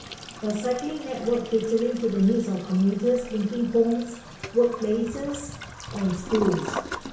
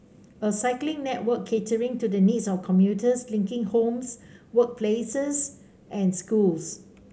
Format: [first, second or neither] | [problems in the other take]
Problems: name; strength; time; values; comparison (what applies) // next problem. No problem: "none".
second | background sound (Toilet flush); 13 dB below the speech // room echo; dies away in 0.6 s